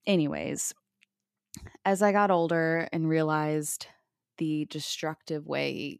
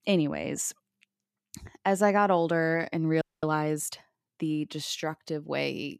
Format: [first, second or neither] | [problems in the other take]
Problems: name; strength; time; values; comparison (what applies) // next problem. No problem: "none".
first | audio freezing; at 3 s